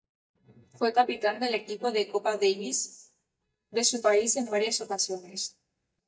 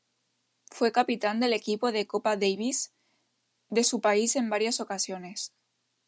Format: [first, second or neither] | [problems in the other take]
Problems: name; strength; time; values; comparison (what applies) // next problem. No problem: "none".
second | noise reduction (neural mask model DeepFilterNet 3)